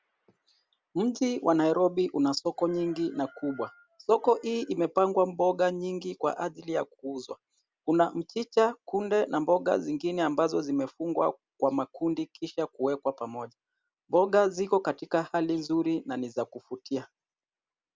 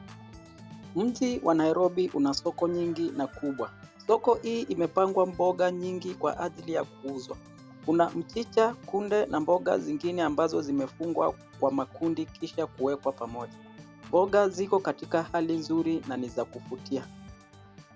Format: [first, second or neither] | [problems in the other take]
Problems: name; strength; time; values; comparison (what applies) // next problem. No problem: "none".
first | background sound (Organ); 20 dB below the speech